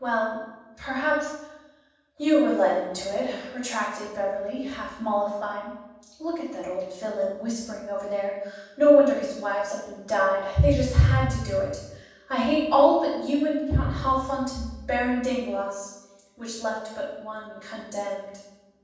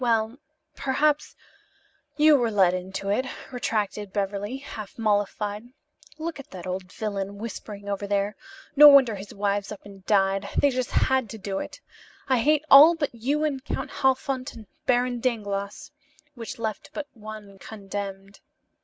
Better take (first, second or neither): second